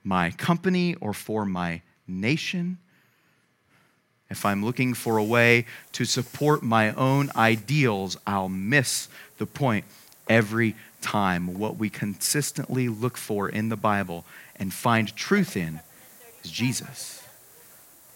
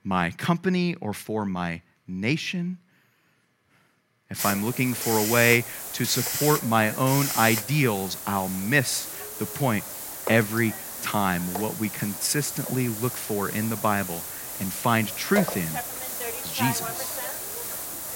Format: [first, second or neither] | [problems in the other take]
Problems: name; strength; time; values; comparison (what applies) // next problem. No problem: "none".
first | hiss; loud; from 4.5 s on; 5 dB below the speech; faint in the first